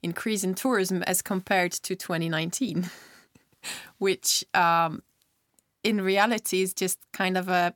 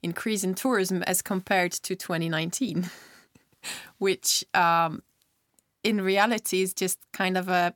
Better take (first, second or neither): neither